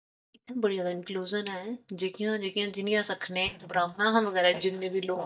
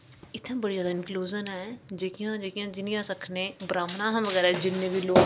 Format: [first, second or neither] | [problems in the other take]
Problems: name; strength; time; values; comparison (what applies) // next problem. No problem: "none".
second | noise reduction (neural mask model DeepFilterNet 3)